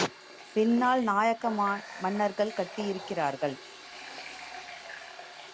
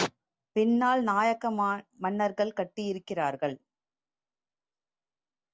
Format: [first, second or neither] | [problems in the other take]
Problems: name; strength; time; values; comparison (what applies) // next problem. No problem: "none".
second | background sound (Water tap, faucet); 13 dB below the speech